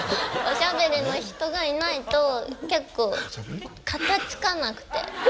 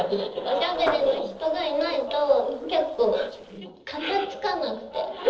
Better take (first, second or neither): first